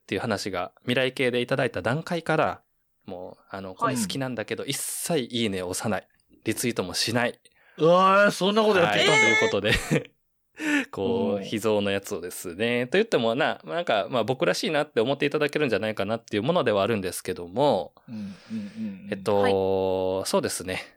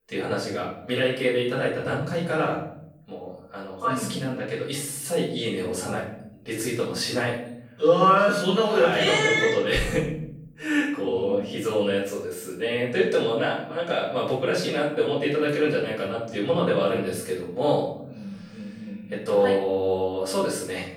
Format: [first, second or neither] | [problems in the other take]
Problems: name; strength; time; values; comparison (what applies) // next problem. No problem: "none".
first | off-mic speech; far // room echo; noticeable; dies away in 0.6 s